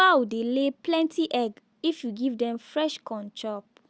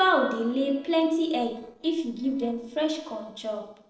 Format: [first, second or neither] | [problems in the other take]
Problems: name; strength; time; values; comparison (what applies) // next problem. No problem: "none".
first | noise reduction (neural separator model SepFormer DNS4)